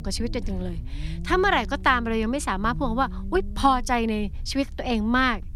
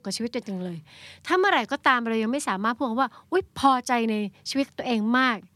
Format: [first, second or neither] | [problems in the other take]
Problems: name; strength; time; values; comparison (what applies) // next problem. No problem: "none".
second | low rumble; faint; throughout; 25 dB below the speech